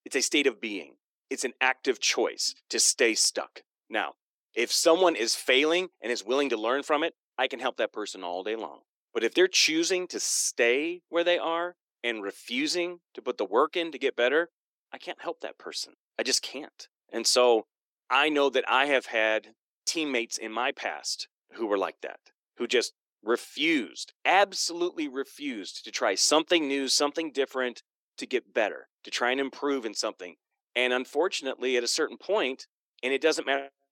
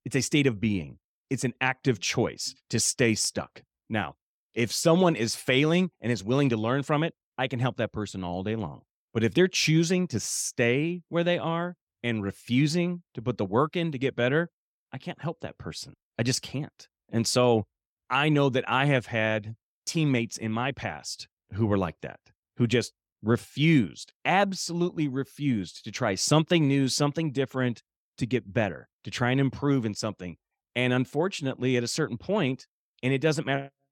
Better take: second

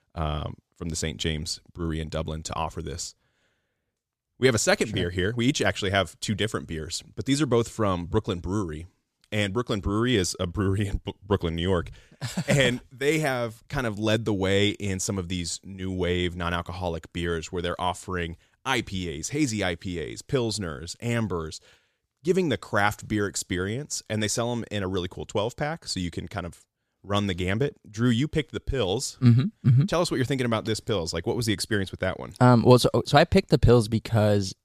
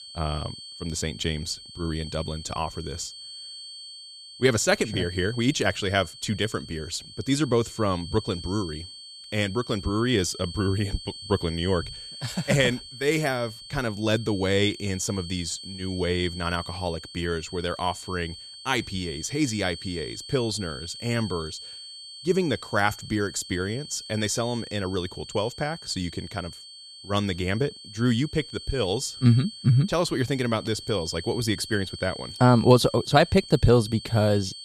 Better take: first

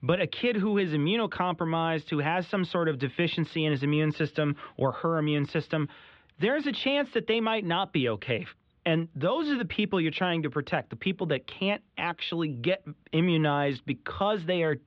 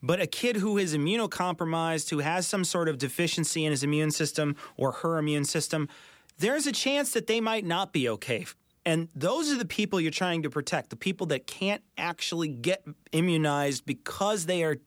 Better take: second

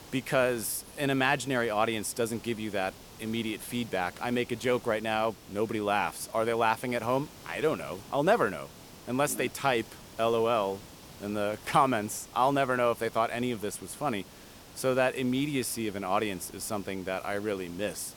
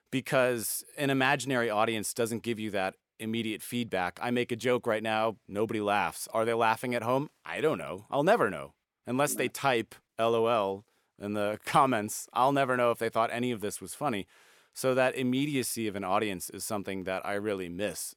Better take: second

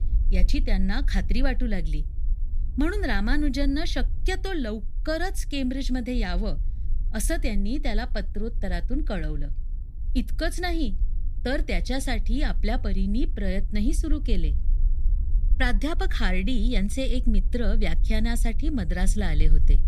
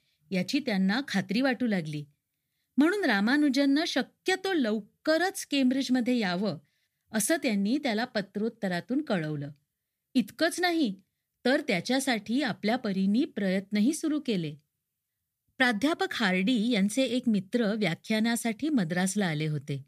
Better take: second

